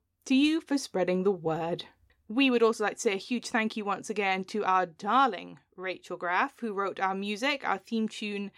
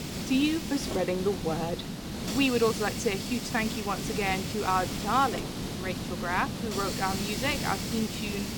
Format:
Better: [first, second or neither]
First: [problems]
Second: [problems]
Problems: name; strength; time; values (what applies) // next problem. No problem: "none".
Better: first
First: none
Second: hiss; loud; throughout; 4 dB below the speech